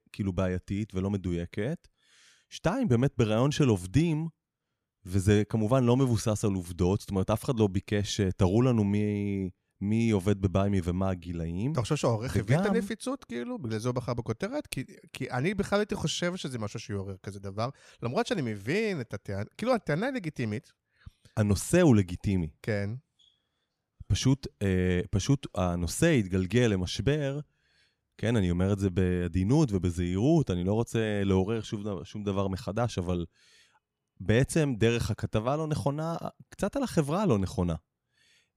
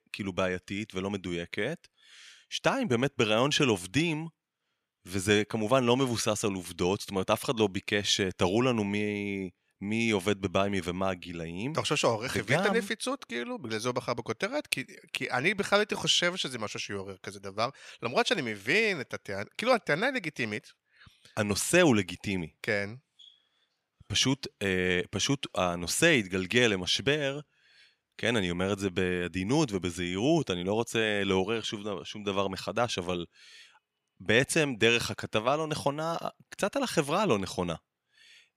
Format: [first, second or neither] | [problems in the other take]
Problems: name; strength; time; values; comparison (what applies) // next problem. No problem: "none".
first | thin; somewhat; fading below 850 Hz